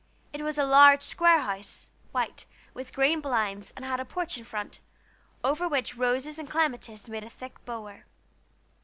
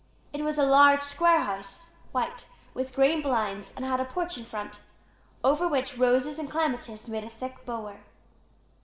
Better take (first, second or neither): first